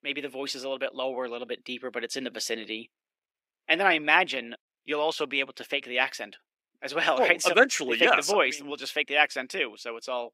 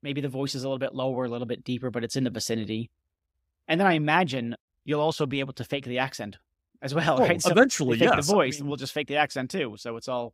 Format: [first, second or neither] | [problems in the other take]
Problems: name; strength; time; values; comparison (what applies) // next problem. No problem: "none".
second | thin; somewhat; fading below 350 Hz